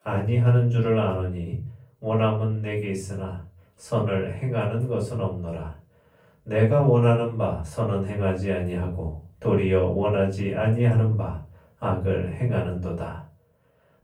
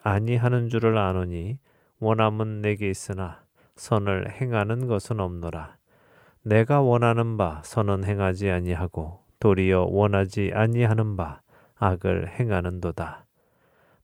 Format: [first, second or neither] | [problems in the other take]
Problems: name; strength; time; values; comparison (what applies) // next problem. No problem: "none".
second | off-mic speech; far // room echo; slight; dies away in 0.3 s